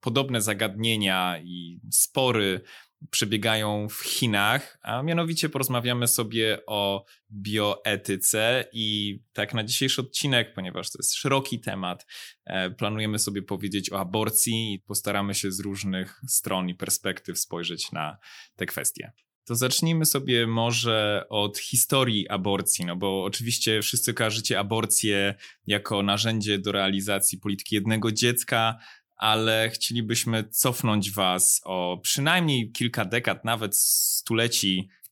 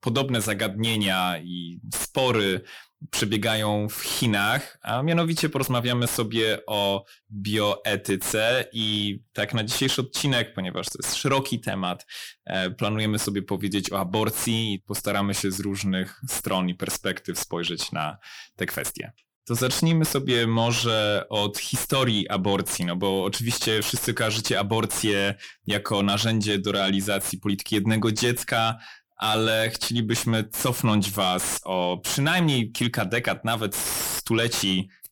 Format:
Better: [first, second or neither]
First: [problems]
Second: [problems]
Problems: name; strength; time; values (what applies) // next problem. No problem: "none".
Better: first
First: none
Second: distortion; heavy; 7 dB below the speech